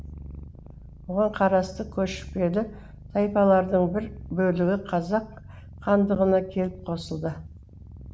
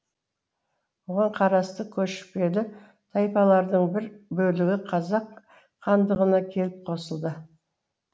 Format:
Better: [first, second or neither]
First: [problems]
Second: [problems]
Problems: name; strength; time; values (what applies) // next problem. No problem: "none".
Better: second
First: background sound (Purr); 16 dB below the speech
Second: none